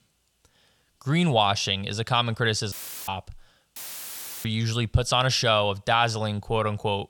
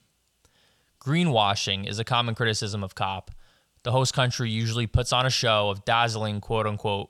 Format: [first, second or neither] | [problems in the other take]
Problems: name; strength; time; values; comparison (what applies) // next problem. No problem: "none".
second | audio cutting out; filled with static; at 2.5 s and at 4 s for 0.5 s